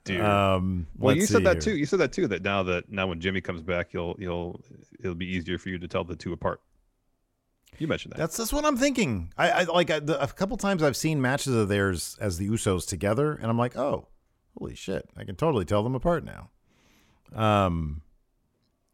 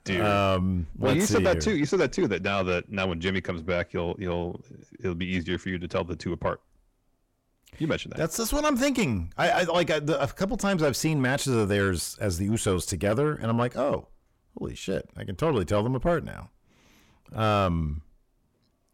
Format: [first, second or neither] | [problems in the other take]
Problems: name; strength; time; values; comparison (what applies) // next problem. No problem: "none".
first | distortion; slight; 10 dB below the speech